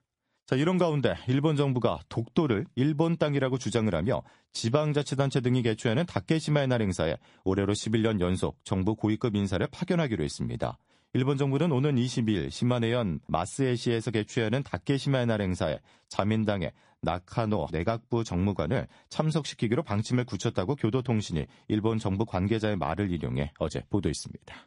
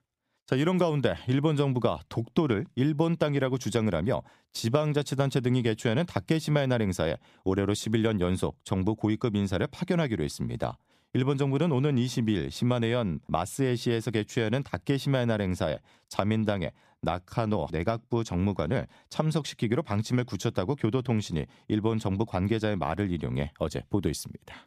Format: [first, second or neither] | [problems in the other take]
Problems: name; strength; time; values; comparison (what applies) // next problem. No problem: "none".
second | garbled, watery; slightly; nothing above 10.5 kHz